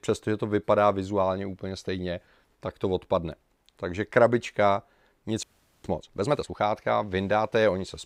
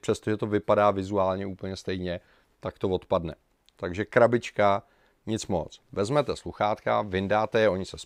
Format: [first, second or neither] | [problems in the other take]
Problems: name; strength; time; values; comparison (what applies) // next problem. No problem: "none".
second | audio freezing; at 5.5 s